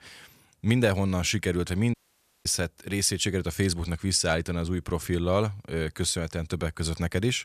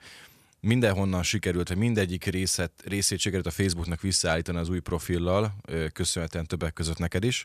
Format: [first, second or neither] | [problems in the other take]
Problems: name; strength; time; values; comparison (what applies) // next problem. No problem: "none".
second | audio cutting out; at 2 s for 0.5 s